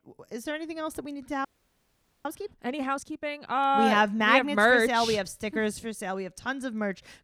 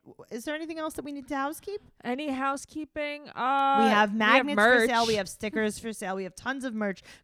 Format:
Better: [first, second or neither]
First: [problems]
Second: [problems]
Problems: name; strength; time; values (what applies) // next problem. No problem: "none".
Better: second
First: audio freezing; at 1.5 s for 1 s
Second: none